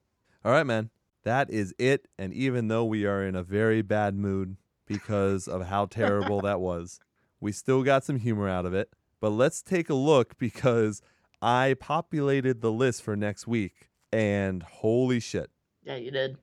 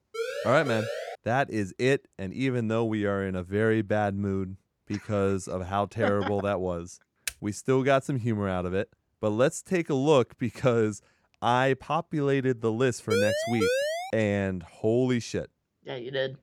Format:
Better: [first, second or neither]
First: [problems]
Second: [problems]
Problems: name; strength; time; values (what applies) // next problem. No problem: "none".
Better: first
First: none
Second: siren; noticeable; until 1 s; peak 5 dB below the speech // keyboard typing; very faint; at 7.5 s; peak 9 dB below the speech // siren; loud; from 13 to 14 s; peak 1 dB above the speech